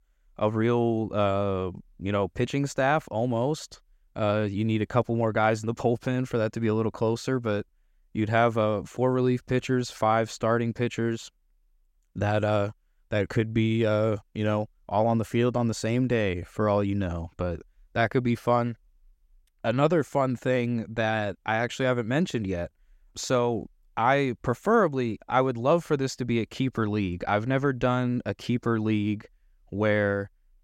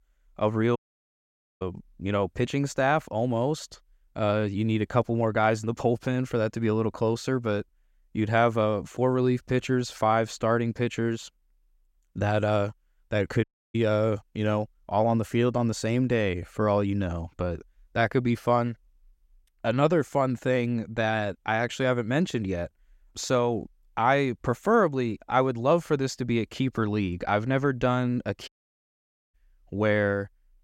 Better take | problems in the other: first | audio cutting out; at 1 s for 1 s, at 13 s and at 28 s for 1 s

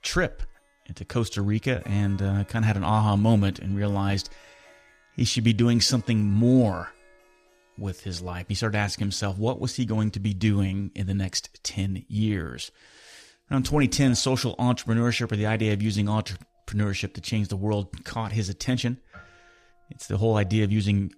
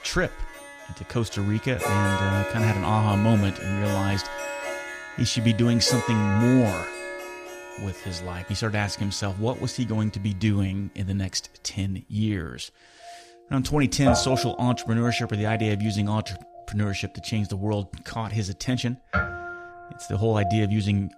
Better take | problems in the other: first | background music; loud; throughout; 7 dB below the speech; faint in the first

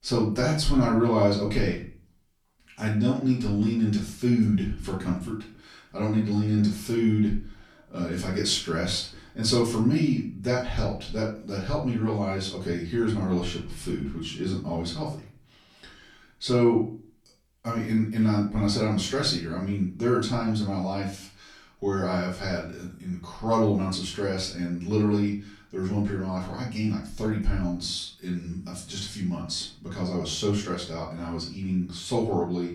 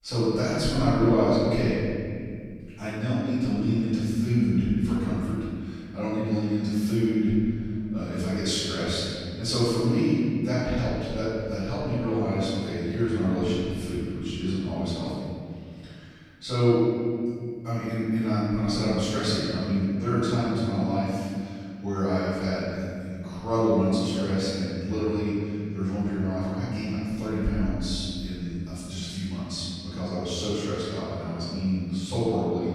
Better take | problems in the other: first | room echo; strong; dies away in 2.5 s; slight in the first // off-mic speech; far; far in the first

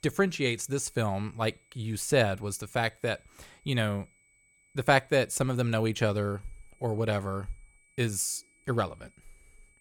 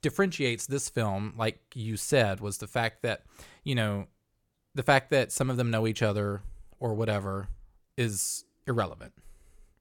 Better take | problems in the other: second | high-pitched whine; faint; throughout; 2.5 kHz, 35 dB below the speech

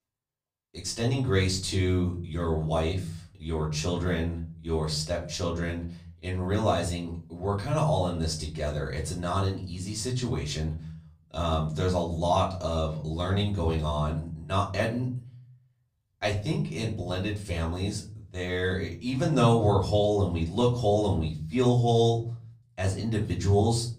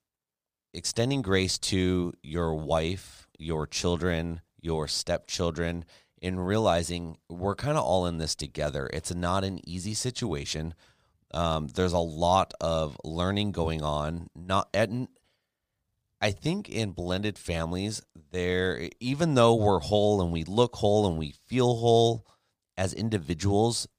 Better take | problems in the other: second | room echo; slight; dies away in 0.5 s // off-mic speech; far

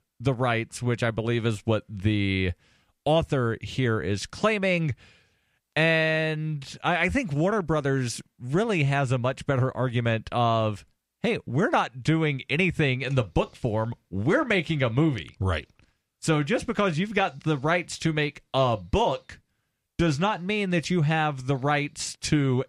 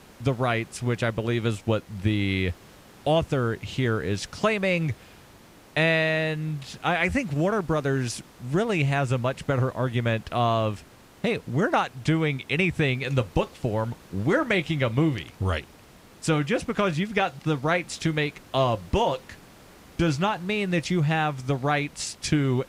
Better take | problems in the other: first | hiss; faint; throughout; 25 dB below the speech

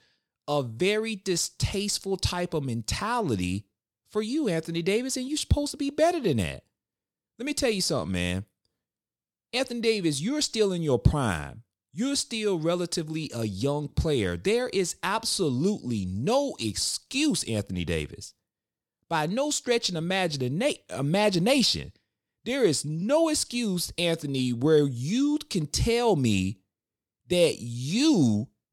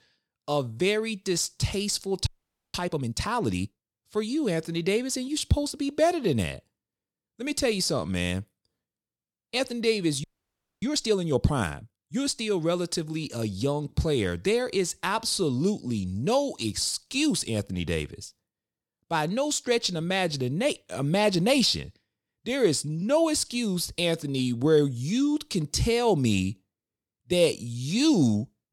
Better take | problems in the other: first | audio freezing; at 2.5 s and at 10 s for 0.5 s

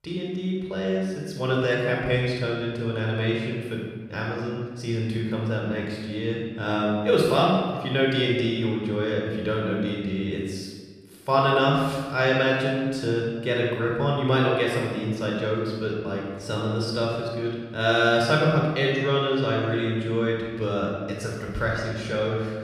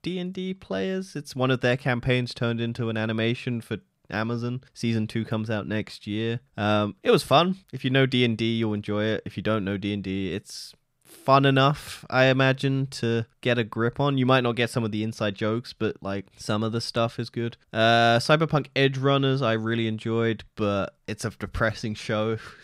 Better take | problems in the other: second | off-mic speech; somewhat distant // room echo; noticeable; dies away in 1.3 s

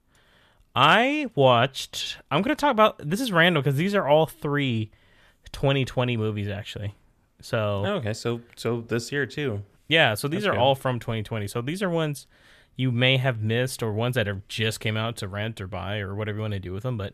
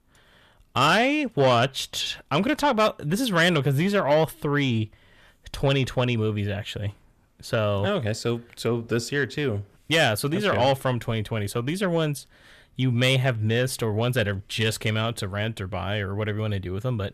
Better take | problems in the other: first | distortion; slight; 10 dB below the speech

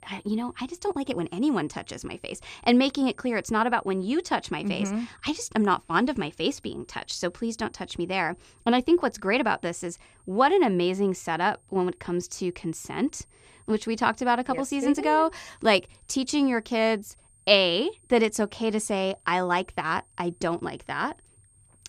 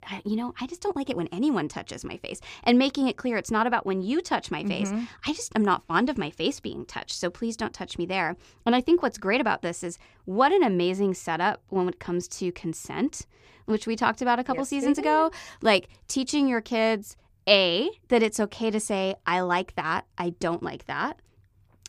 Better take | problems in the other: second | high-pitched whine; faint; throughout; 8.5 kHz, 35 dB below the speech

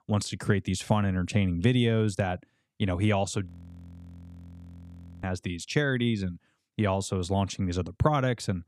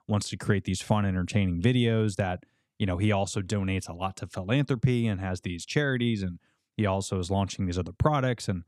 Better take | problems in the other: second | audio freezing; at 3.5 s for 2 s

